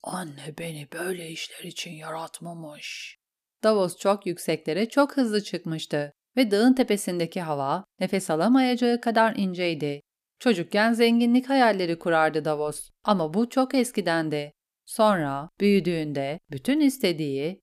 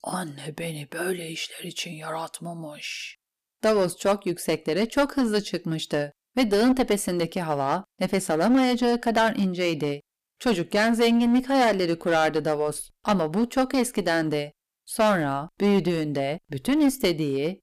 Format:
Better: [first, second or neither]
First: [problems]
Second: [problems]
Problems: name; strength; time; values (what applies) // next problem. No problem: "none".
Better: first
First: none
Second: distortion; slight; 8% of the sound clipped